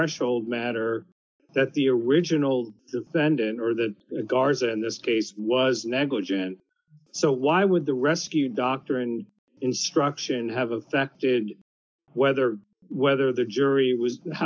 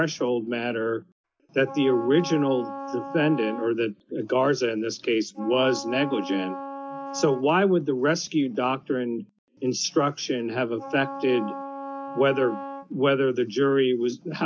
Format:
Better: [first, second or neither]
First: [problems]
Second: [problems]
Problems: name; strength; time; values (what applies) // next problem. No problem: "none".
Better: first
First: none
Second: background sound (Wind instrument, woodwind instrument); 12 dB below the speech